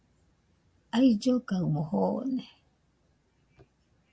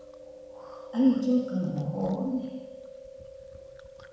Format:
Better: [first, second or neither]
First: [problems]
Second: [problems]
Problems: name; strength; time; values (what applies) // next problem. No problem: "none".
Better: first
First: none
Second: background sound (Chewing, mastication); 13 dB below the speech // room echo; dies away in 1.1 s